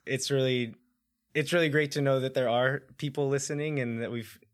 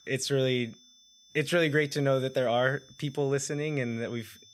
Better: first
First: none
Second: high-pitched whine; faint; throughout; 3.5 kHz, 25 dB below the speech

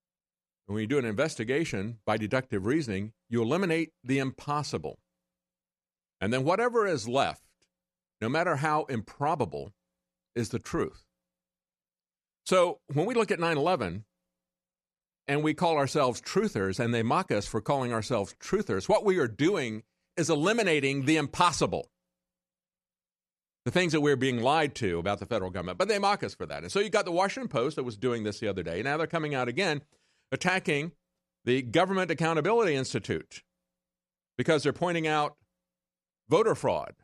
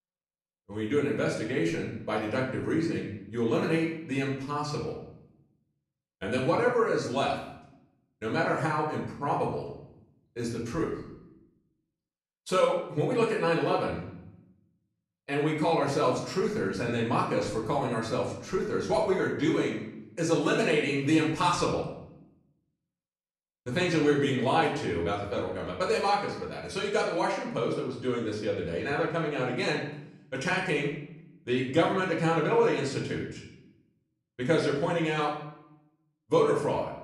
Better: first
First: none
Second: room echo; noticeable; dies away in 0.7 s // off-mic speech; far

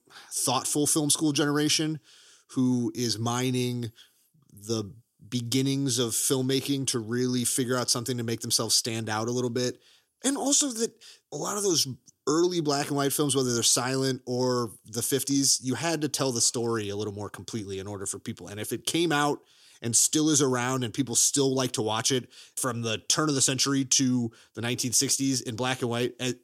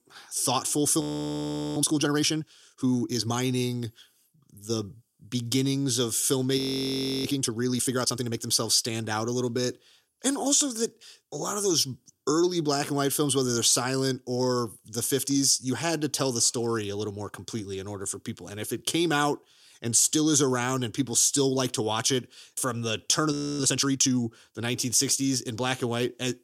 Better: first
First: none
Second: audio freezing; at 1 s for 1 s, at 6.5 s for 0.5 s and at 23 s

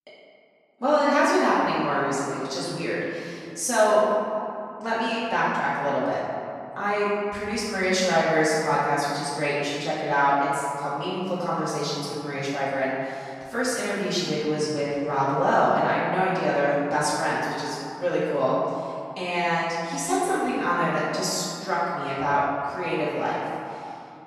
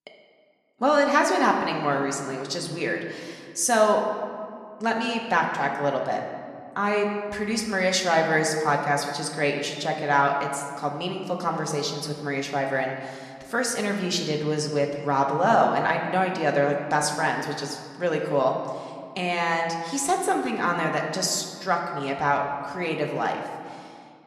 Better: second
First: room echo; strong; dies away in 2.4 s // off-mic speech; far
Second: room echo; slight; dies away in 1.7 s

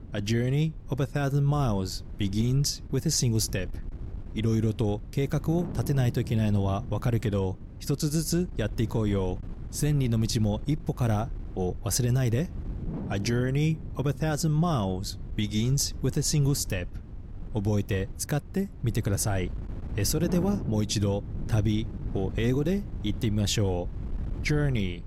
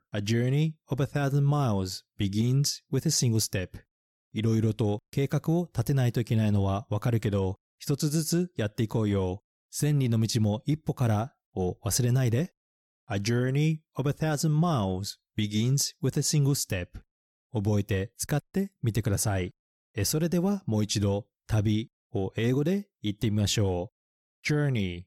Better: second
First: wind noise on the microphone; occasional gusts; 15 dB below the speech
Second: none

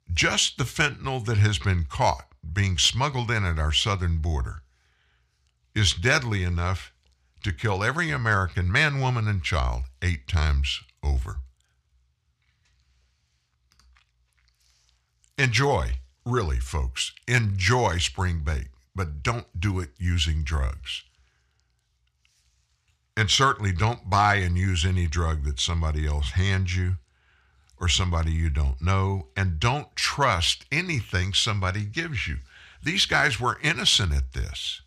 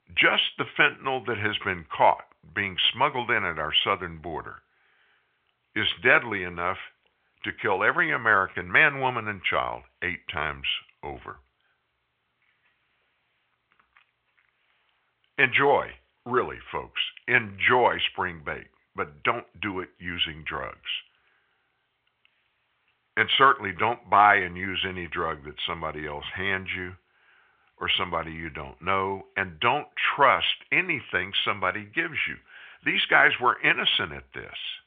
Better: first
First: none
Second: phone-call audio; nothing above 3.5 kHz

